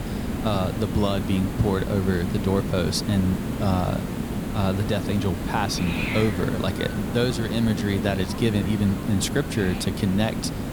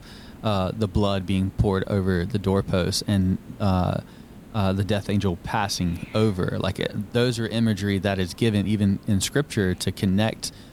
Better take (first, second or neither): second